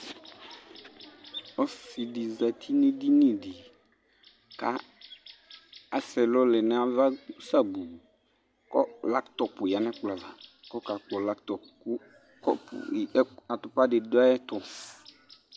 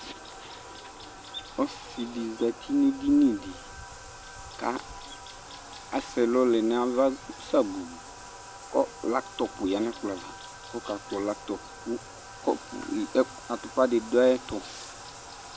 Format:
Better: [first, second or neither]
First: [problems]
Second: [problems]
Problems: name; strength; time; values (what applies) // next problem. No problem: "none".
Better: first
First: none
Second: background sound (Bathtub (filling or washing)); 15 dB below the speech